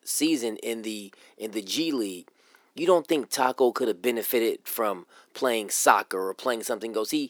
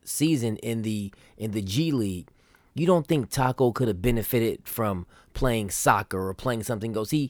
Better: second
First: thin; somewhat; fading below 300 Hz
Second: none

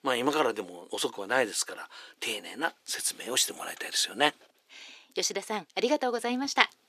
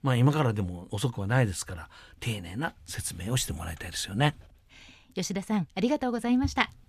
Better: second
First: thin; somewhat; fading below 350 Hz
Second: none

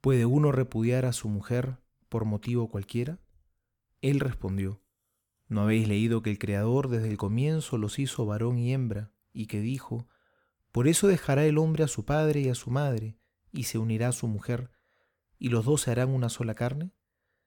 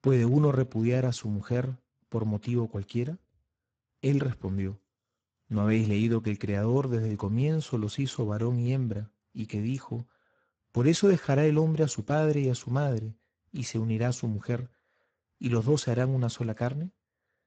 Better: first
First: none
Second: garbled, watery; badly; nothing above 7.5 kHz

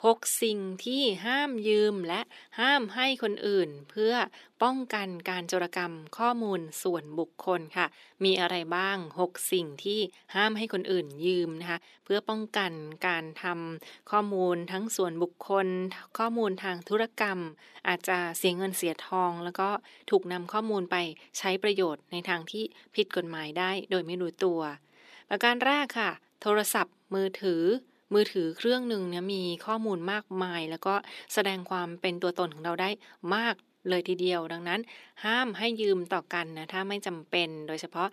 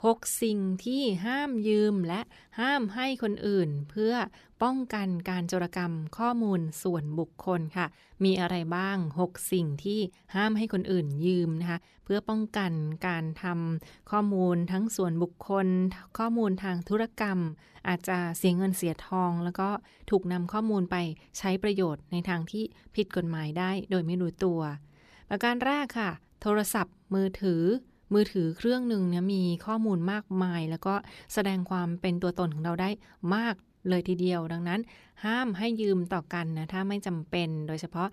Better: second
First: thin; somewhat; fading below 300 Hz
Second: none

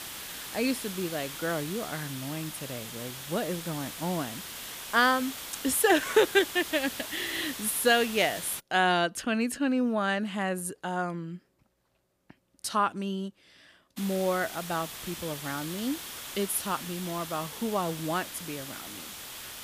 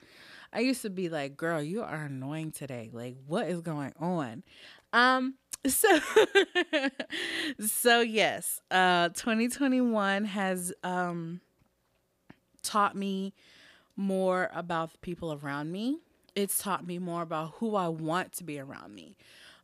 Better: second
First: hiss; loud; until 8.5 s and from 14 s on; 9 dB below the speech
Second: none

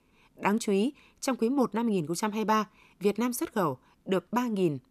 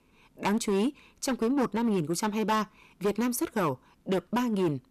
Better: first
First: none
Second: distortion; slight; 9% of the sound clipped

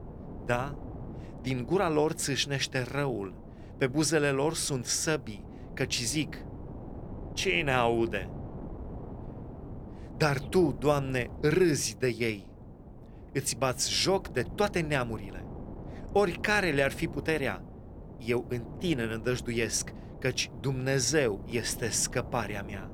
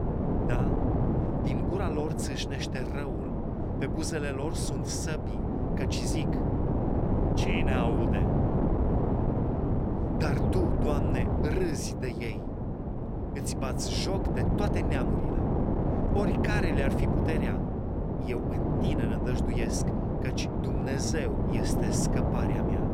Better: first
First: wind noise on the microphone; occasional gusts; 20 dB below the speech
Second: wind noise on the microphone; heavy; 2 dB above the speech

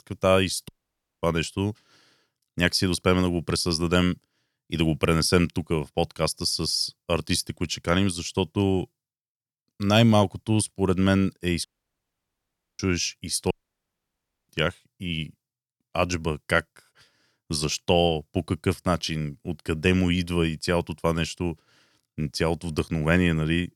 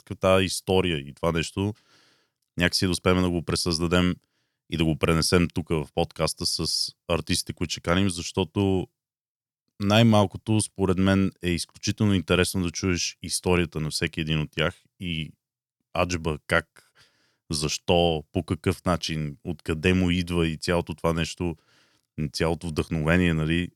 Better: second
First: audio cutting out; at 0.5 s for 0.5 s, at 12 s for 1 s and at 14 s for 1 s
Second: none

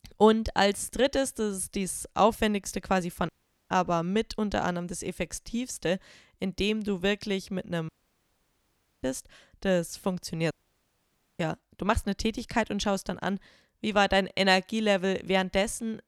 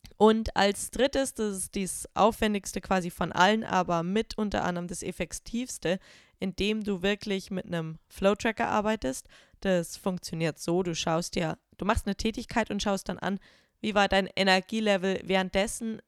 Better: second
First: audio cutting out; at 3.5 s, at 8 s for 1 s and at 11 s for 1 s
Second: none

